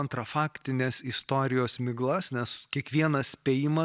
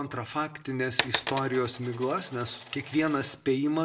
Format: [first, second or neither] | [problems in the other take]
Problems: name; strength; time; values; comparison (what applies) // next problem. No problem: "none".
first | background sound (Coin (dropping)); 7 dB below the speech // room echo; dies away in 0.4 s